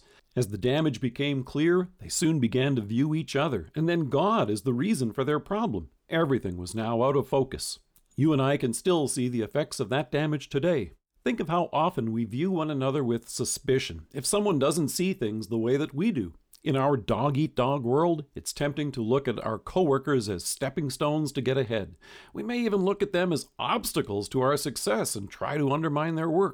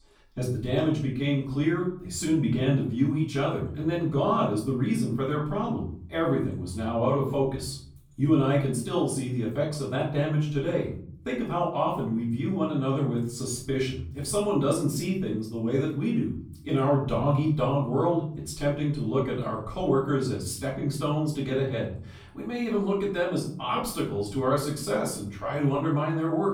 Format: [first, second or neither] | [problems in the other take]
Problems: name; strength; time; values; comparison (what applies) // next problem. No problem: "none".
first | off-mic speech; far // room echo; slight; dies away in 0.7 s